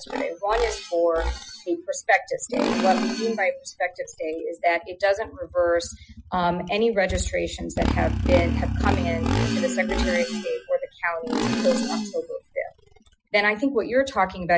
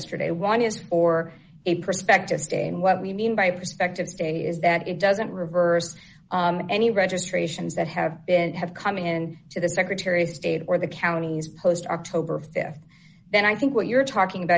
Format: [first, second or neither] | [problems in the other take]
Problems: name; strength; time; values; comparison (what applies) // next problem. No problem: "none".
second | noise reduction (classical method Wiener filter)